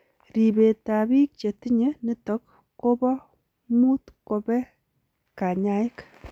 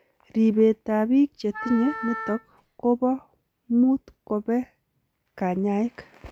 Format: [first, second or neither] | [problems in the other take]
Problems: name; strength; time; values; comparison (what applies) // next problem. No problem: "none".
first | background sound (Wind instrument, woodwind instrument); 11 dB below the speech